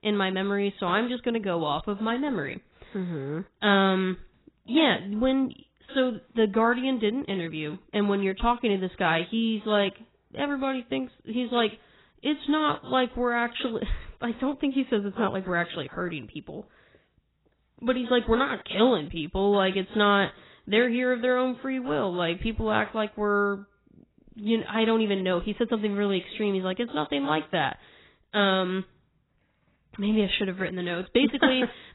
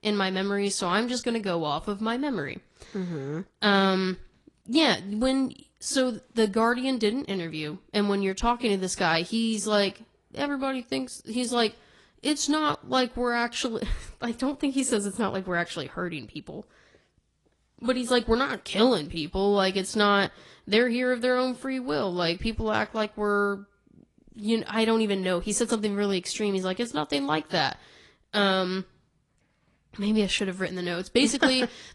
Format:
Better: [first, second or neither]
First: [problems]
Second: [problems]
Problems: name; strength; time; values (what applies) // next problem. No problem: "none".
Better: second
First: garbled, watery; badly; nothing above 4 kHz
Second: garbled, watery; slightly; nothing above 10.5 kHz